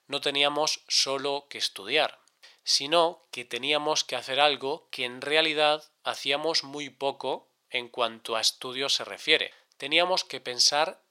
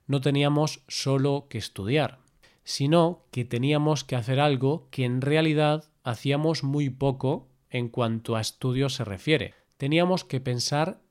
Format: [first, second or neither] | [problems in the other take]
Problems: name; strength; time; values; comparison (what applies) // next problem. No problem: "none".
second | thin; very; fading below 650 Hz